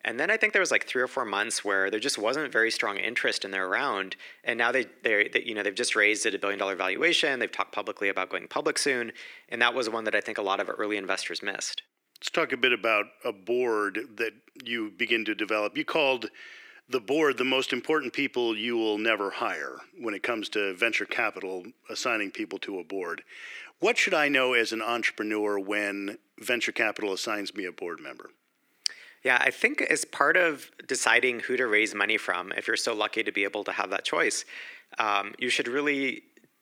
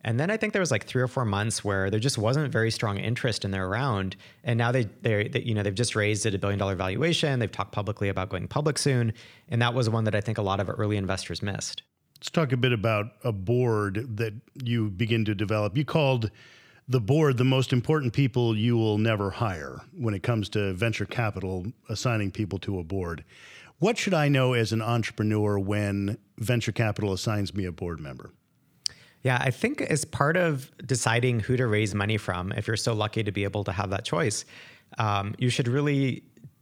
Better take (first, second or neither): second